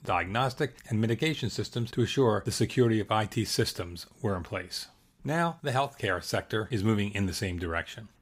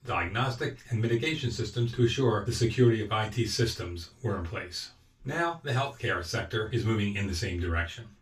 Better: first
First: none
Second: room echo; very slight; dies away in 0.1 s // off-mic speech; far

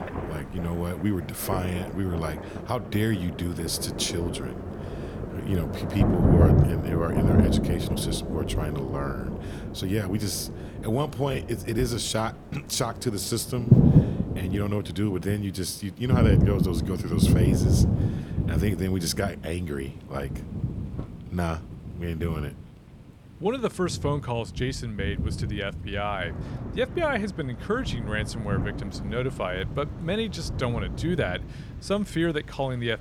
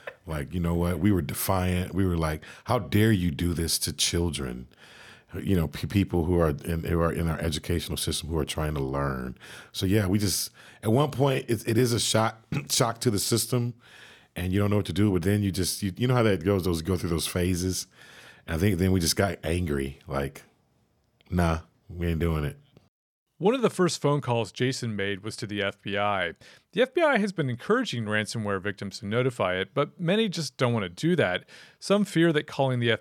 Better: second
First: rain or running water; very loud; throughout; 2 dB above the speech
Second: none

